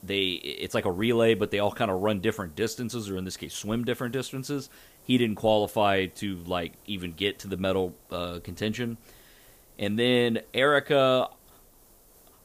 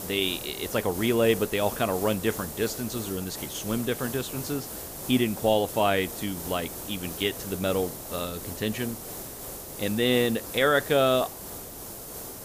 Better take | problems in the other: first | hiss; loud; throughout; 9 dB below the speech; faint in the first

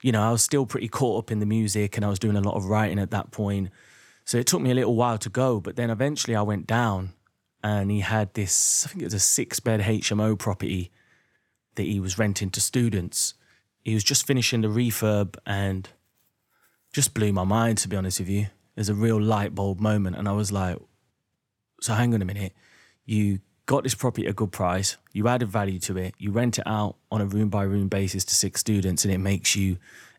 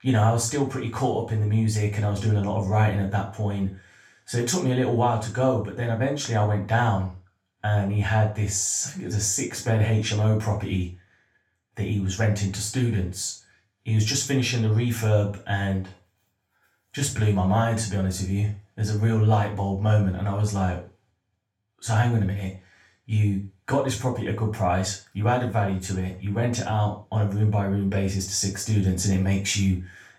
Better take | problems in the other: first | room echo; slight; dies away in 0.3 s // off-mic speech; far

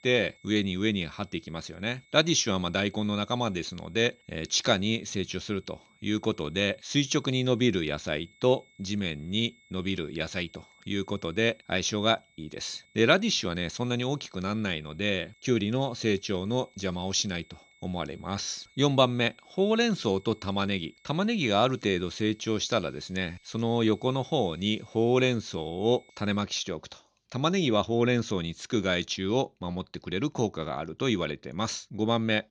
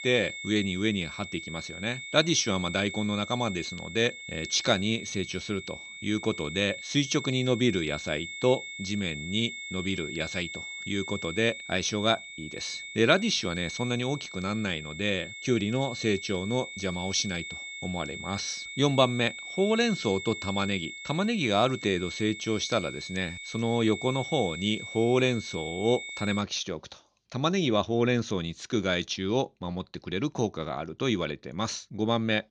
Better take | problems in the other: first | high-pitched whine; loud; until 26 s; 2 kHz, 9 dB below the speech; faint in the first

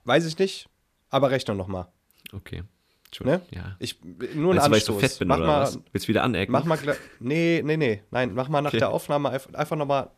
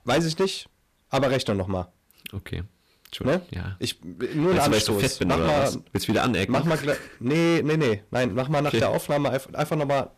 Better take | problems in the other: first | distortion; heavy; 12% of the sound clipped

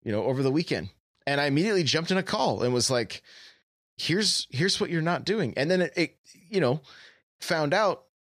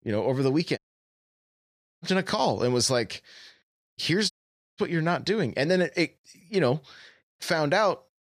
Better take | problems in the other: first | audio cutting out; at 1 s for 1 s and at 4.5 s

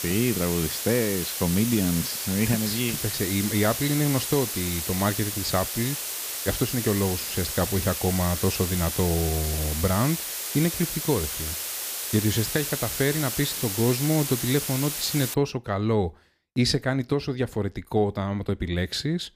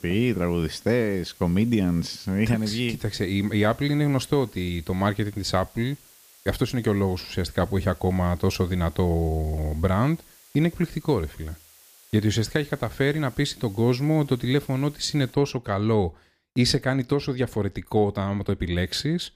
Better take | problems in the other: second | hiss; loud; until 15 s; 2 dB below the speech; faint in the second

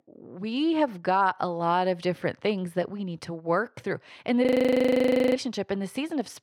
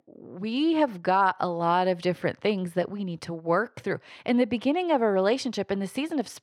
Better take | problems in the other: second | audio freezing; at 4.5 s for 1 s

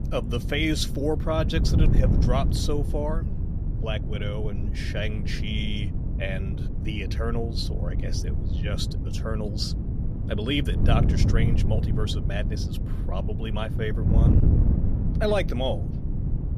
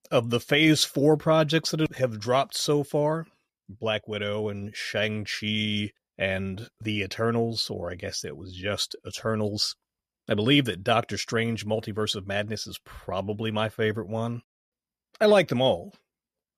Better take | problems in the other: second | wind noise on the microphone; heavy; 7 dB below the speech

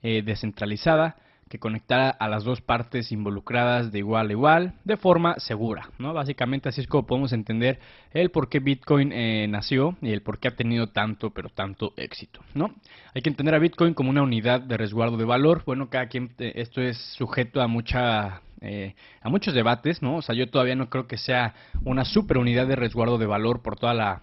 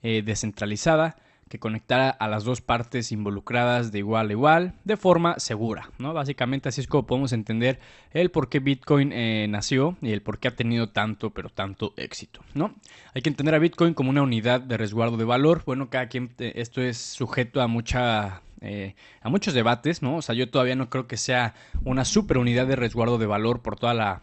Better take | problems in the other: second | garbled, watery; badly; nothing above 5.5 kHz; slightly in the second

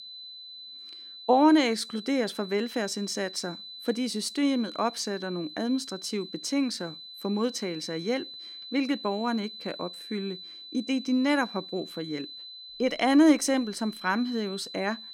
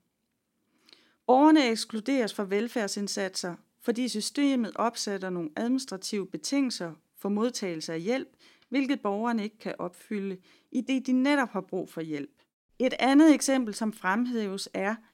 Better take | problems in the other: second | high-pitched whine; noticeable; throughout; 4 kHz, 15 dB below the speech

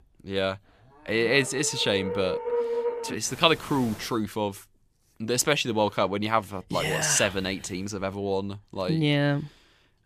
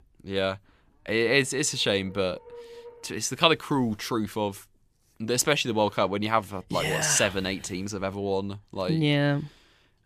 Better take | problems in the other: second | animal sounds; loud; until 4 s; 7 dB below the speech; faint in the second

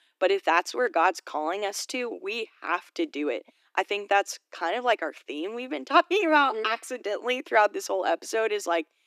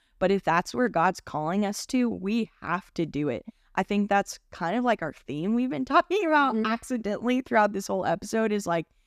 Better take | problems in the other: second | thin; somewhat; fading below 300 Hz

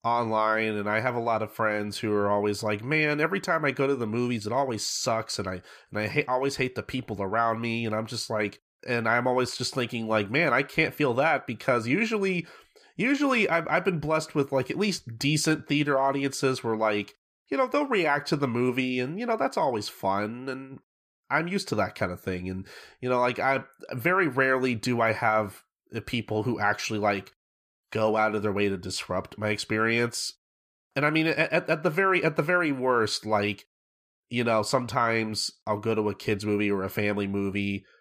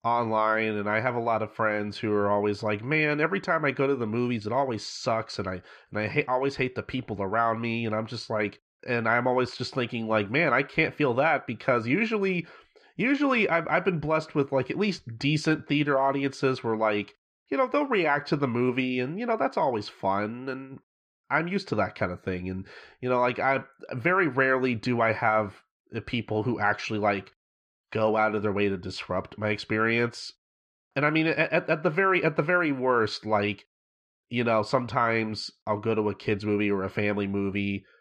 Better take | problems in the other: first | muffled; very slightly; fading above 3.5 kHz

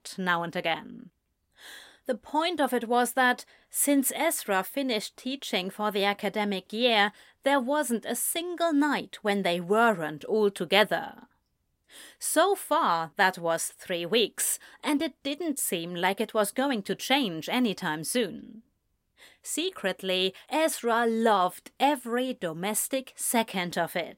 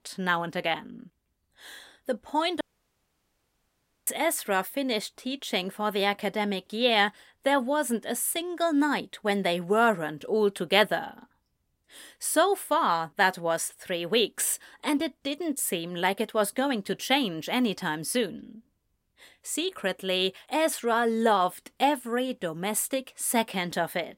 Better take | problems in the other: first | audio cutting out; at 2.5 s for 1.5 s

